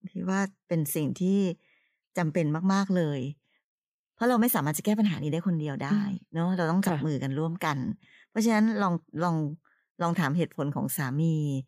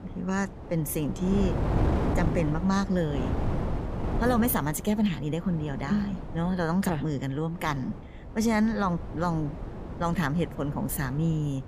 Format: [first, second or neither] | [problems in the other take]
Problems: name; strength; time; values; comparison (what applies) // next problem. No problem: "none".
first | wind noise on the microphone; heavy; 8 dB below the speech